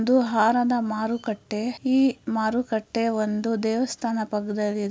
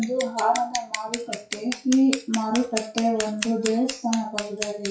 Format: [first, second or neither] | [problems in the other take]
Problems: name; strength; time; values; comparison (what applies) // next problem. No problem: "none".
first | noise reduction (classical method WPE with log-MMSE)